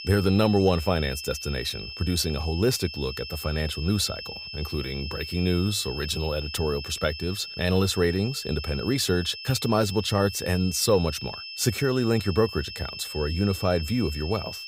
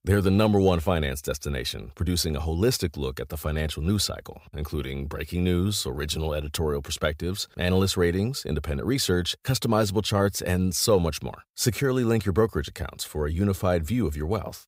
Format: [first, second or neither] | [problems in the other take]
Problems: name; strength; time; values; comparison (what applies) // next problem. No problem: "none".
second | high-pitched whine; loud; throughout; 5.5 kHz, 9 dB below the speech